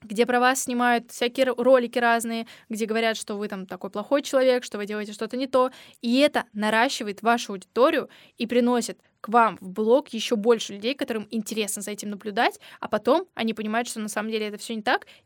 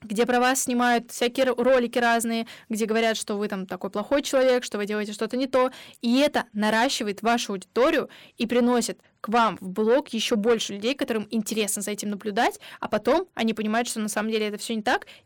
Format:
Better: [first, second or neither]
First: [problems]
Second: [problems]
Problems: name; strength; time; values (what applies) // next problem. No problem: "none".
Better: first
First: none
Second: distortion; slight; 10 dB below the speech